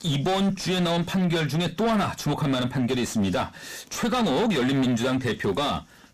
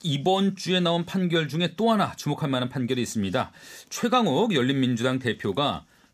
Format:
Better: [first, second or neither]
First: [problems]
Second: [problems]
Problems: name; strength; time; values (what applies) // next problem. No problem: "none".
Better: second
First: distortion; heavy; 6 dB below the speech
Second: none